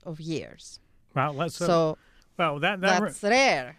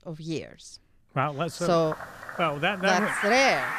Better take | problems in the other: first | animal sounds; loud; from 1.5 s on; 7 dB below the speech

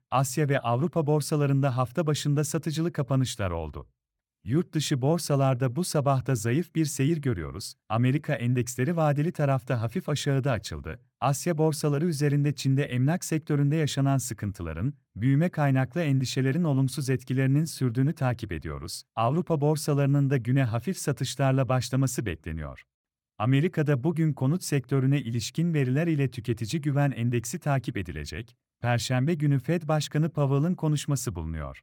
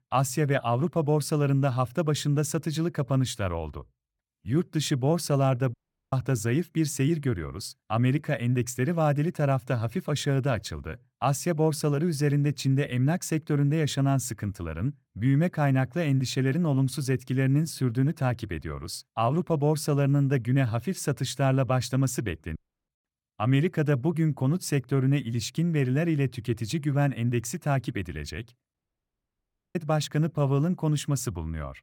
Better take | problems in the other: first | audio cutting out; at 5.5 s, at 23 s and at 29 s for 1 s

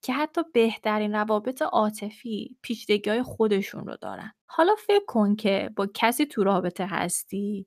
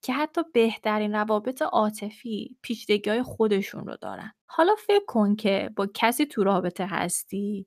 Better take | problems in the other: neither | none

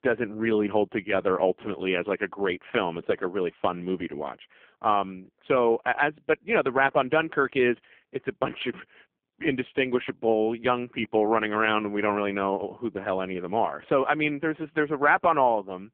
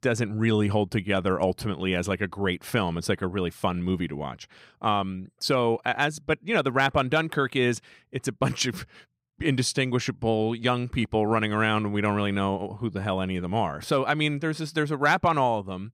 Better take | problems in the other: second | phone-call audio; poor line; nothing above 3 kHz

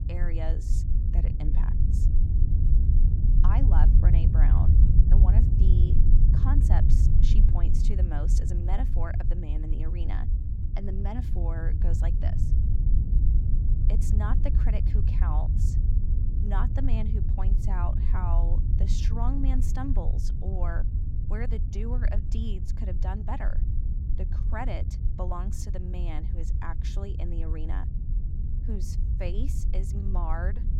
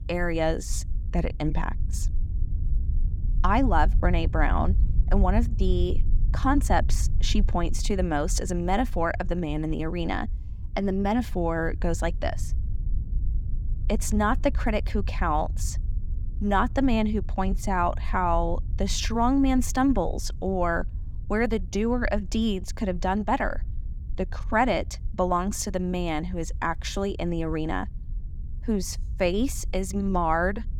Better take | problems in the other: second | low rumble; loud; throughout; 3 dB below the speech; faint in the second

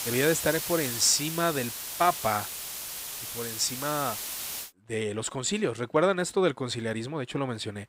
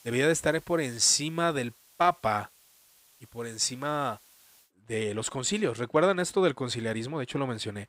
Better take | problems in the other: second | hiss; loud; until 4.5 s; 5 dB below the speech; faint in the second

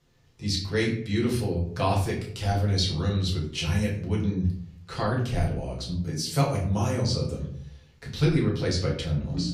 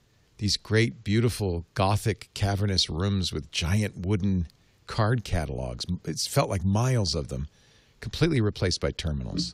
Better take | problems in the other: second | off-mic speech; far // room echo; slight; dies away in 0.5 s

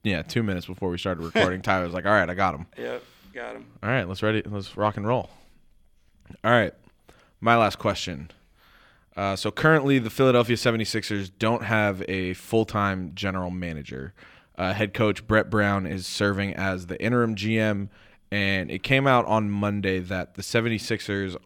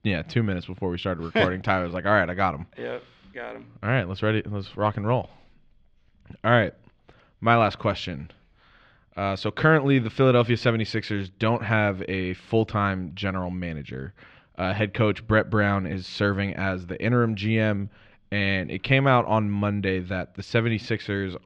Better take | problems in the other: first | muffled; very slightly; fading above 4 kHz

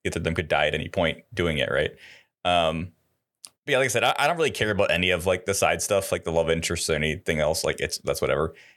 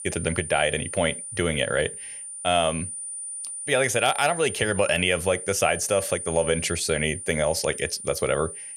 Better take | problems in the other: first | high-pitched whine; loud; throughout; 9.5 kHz, 8 dB below the speech

